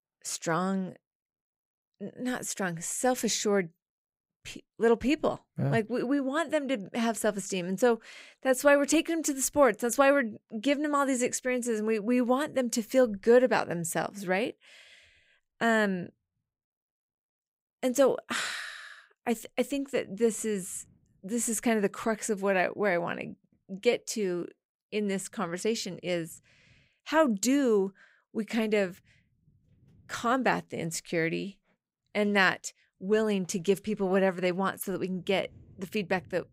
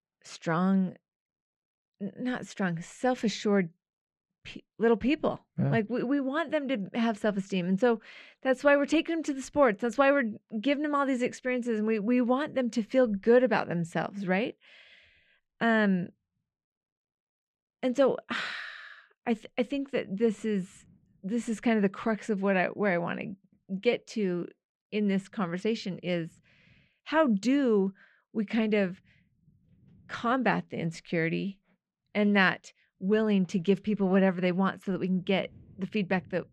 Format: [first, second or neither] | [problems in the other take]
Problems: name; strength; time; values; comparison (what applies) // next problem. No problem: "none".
first | muffled; slightly; fading above 3 kHz